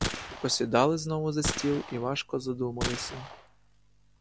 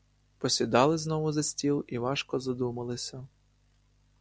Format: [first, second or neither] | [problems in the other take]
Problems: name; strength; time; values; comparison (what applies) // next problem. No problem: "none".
second | background sound (Gunshot, gunfire); 7 dB below the speech